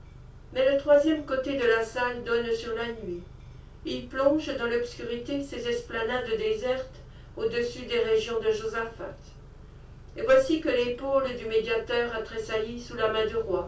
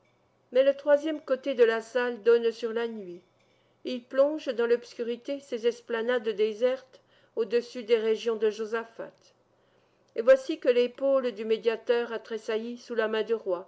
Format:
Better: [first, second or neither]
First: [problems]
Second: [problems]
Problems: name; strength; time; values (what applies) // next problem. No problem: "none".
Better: second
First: background sound (Idling / Accelerating, revving, vroom / Car); 18 dB below the speech // room echo; dies away in 0.2 s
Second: none